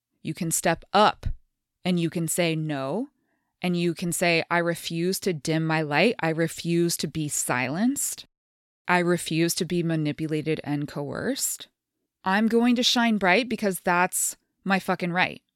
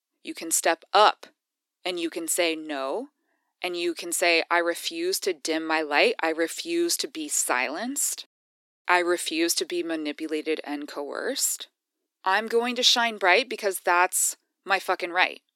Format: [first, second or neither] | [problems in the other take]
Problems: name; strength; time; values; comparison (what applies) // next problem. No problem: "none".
first | thin; somewhat; fading below 300 Hz